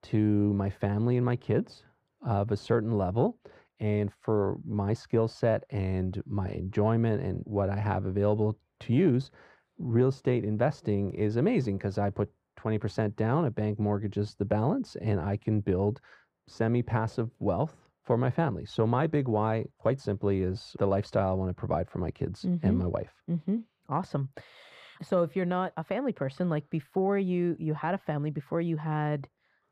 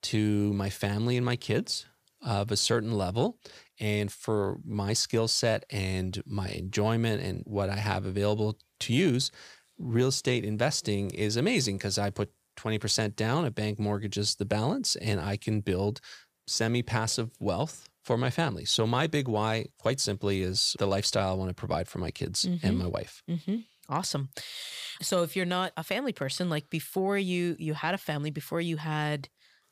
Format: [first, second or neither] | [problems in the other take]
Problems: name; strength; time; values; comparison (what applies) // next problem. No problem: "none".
second | muffled; very; fading above 2.5 kHz